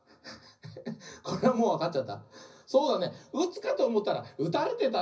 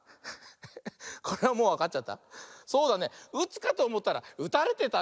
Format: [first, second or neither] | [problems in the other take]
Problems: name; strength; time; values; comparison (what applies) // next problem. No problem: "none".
second | room echo; dies away in 0.4 s